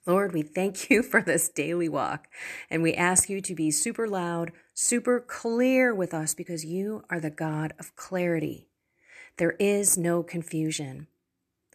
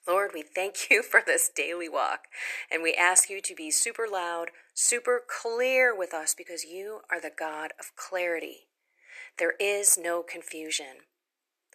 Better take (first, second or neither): first